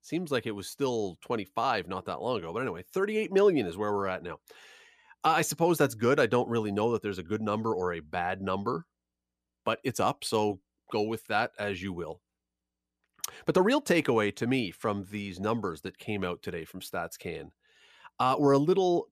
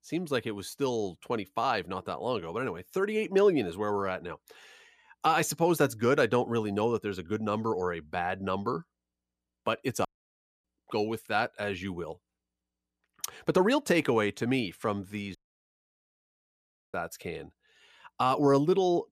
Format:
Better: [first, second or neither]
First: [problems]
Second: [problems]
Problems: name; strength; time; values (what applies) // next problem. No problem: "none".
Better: first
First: none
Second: audio cutting out; at 10 s for 0.5 s and at 15 s for 1.5 s